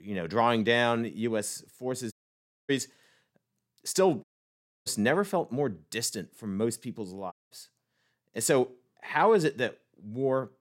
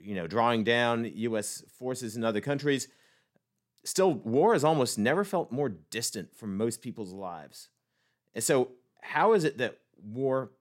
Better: second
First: audio cutting out; at 2 s for 0.5 s, at 4 s for 0.5 s and at 7.5 s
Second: none

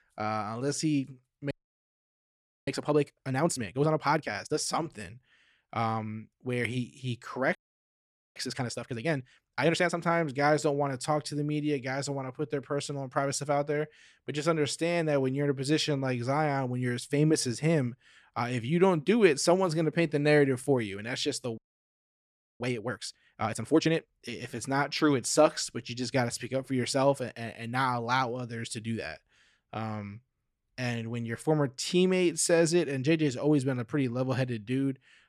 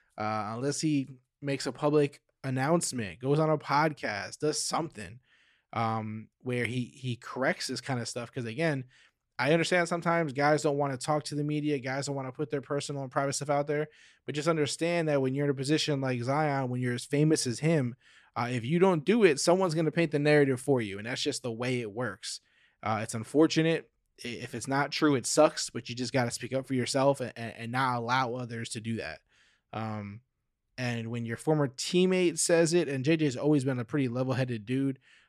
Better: second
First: audio freezing; at 1.5 s for 1 s, at 7.5 s for 1 s and at 22 s for 1 s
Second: none

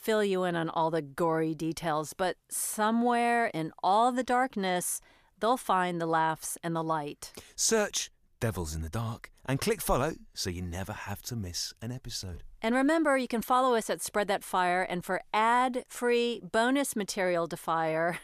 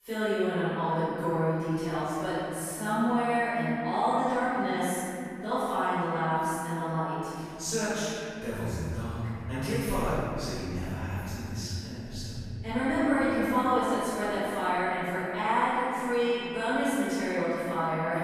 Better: first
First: none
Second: room echo; strong; dies away in 3 s // off-mic speech; far

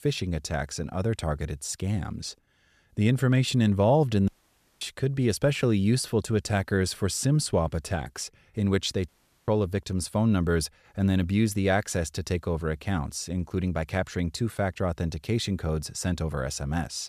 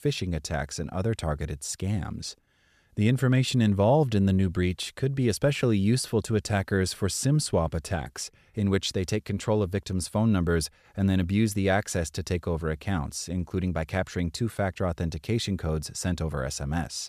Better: second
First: audio cutting out; at 4.5 s for 0.5 s and at 9 s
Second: none

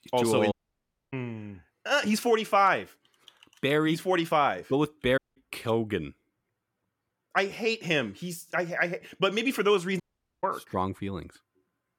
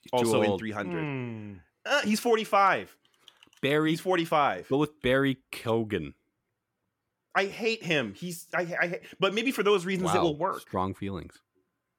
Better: second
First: audio cutting out; at 0.5 s for 0.5 s, at 5 s and at 10 s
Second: none

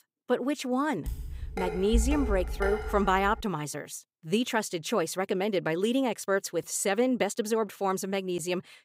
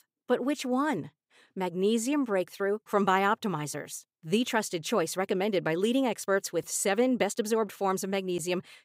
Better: second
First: clattering dishes; noticeable; from 1 to 3.5 s; peak 1 dB below the speech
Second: none

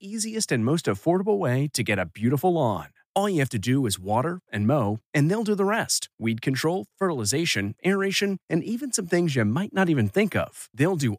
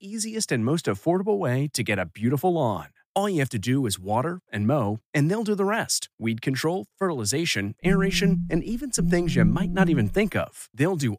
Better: first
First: none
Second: phone ringing; loud; from 8 to 10 s; peak 2 dB above the speech

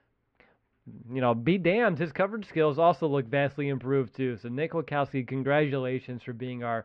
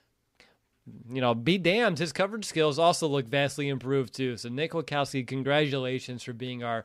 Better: second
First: muffled; very; fading above 2 kHz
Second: none

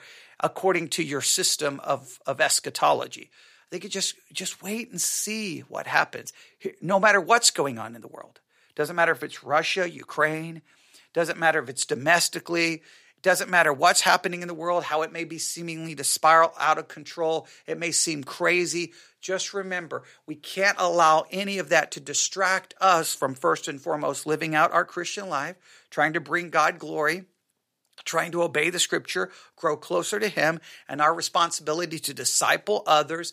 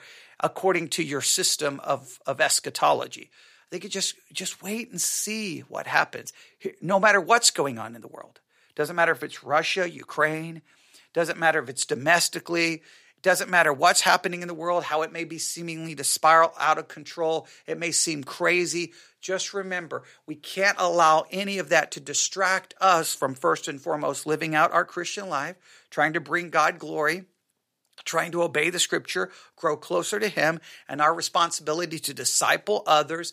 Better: neither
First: thin; somewhat; fading below 850 Hz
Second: thin; somewhat; fading below 850 Hz

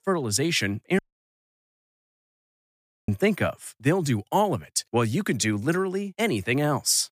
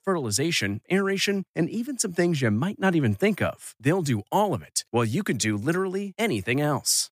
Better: second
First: audio cutting out; at 1 s for 2 s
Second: none

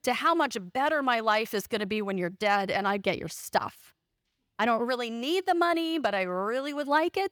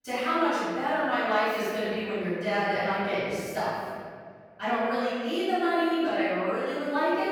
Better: first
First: none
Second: off-mic speech; far // room echo; strong; dies away in 1.9 s

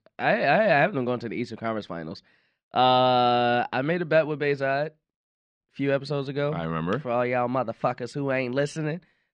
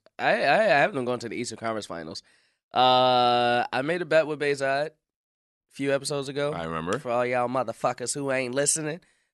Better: second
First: muffled; slightly; fading above 3.5 kHz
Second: none

